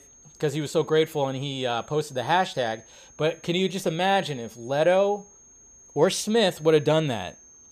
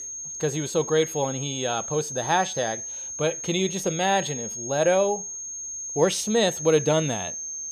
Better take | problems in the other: first | high-pitched whine; loud; throughout; 6.5 kHz, 6 dB below the speech; faint in the first

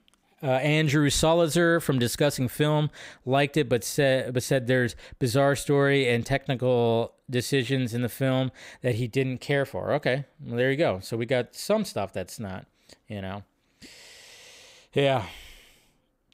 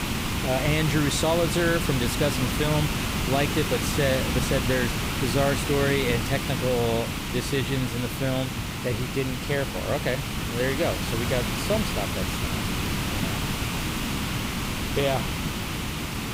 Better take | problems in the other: first | hiss; loud; throughout; 1 dB below the speech

